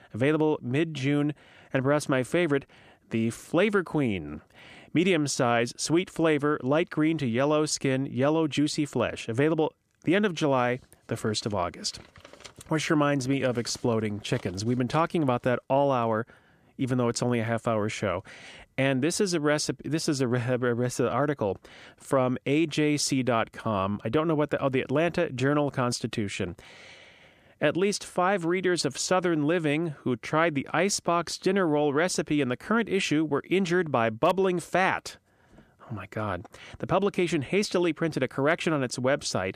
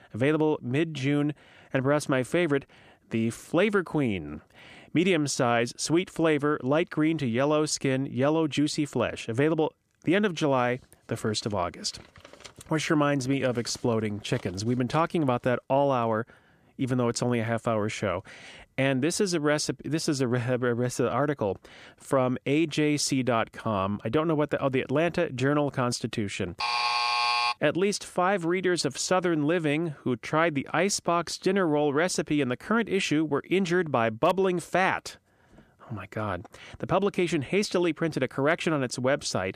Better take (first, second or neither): first